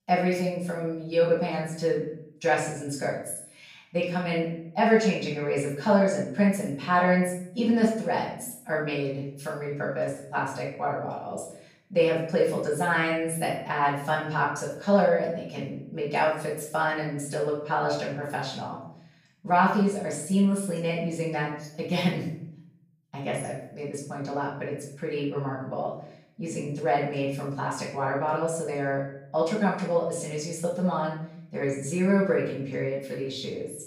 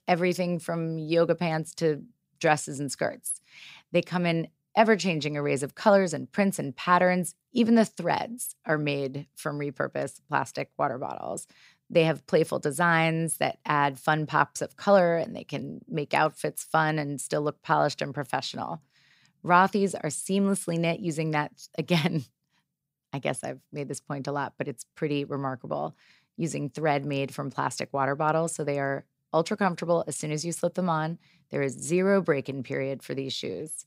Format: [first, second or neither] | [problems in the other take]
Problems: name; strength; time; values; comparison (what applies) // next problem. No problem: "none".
second | off-mic speech; far // room echo; noticeable; dies away in 0.6 s